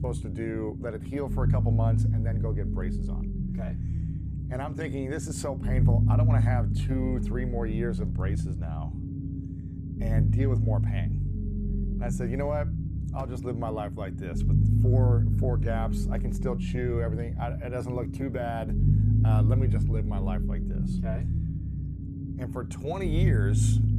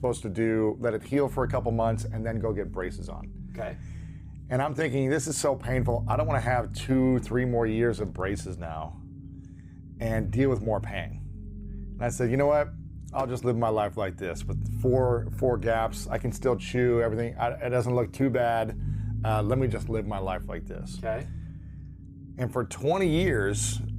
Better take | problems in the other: second | low rumble; loud; throughout; 4 dB below the speech; faint in the second

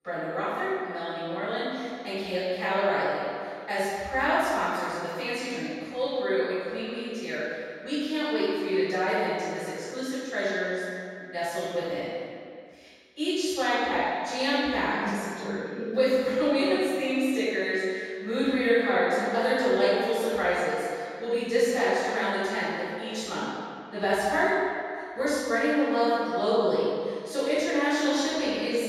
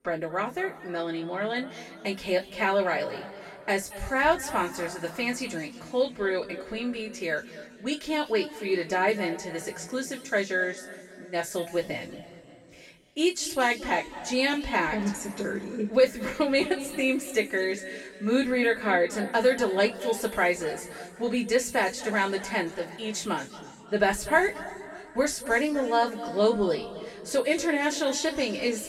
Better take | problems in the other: second | room echo; strong; dies away in 2.2 s; slight in the second // off-mic speech; far; far in the second

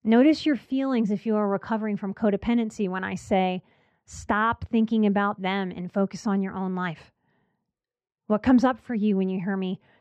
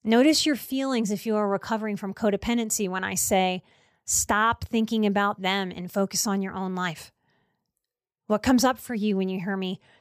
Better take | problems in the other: second | muffled; very; fading above 2.5 kHz

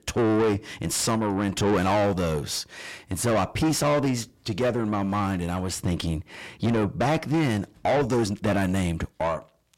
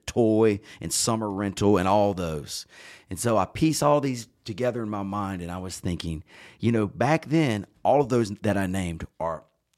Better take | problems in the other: second | distortion; heavy; 6 dB below the speech

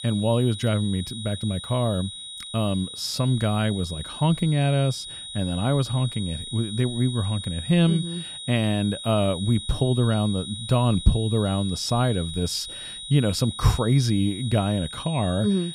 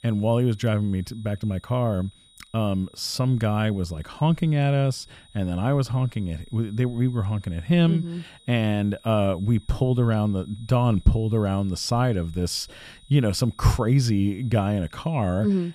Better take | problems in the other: second | high-pitched whine; loud; throughout; 4 kHz, 10 dB below the speech; faint in the second

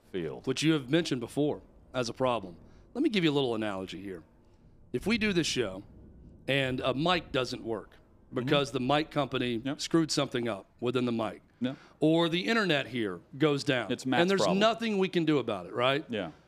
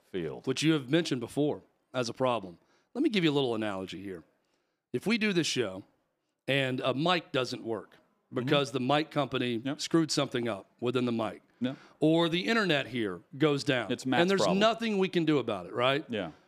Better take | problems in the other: second | rain or running water; faint; throughout; 30 dB below the speech

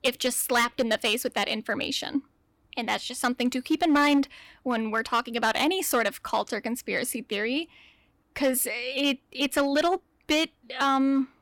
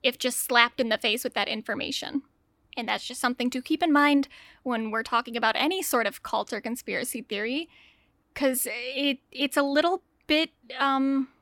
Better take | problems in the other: second | distortion; slight; 4% of the sound clipped

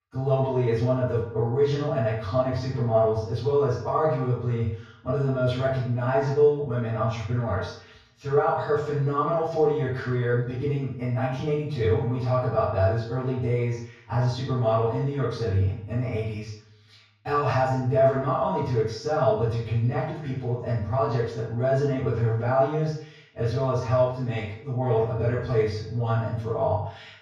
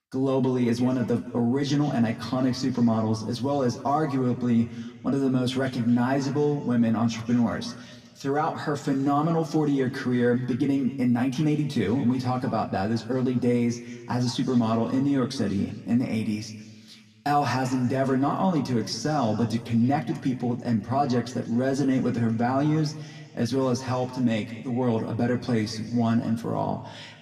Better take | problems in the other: second | room echo; strong; dies away in 0.7 s; slight in the second // off-mic speech; far; somewhat distant in the second

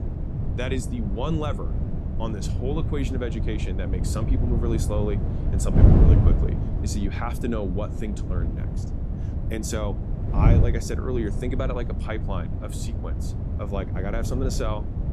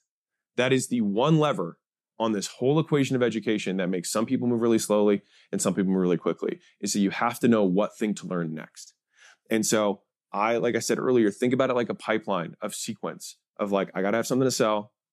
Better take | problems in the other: second | wind noise on the microphone; heavy; 4 dB below the speech

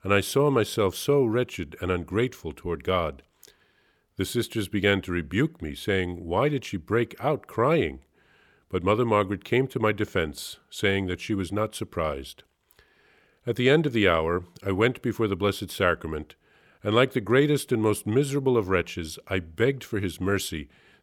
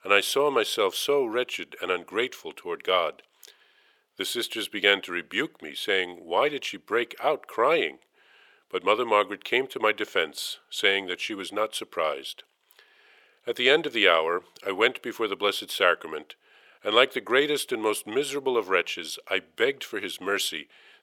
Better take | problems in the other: first | thin; very; fading below 550 Hz

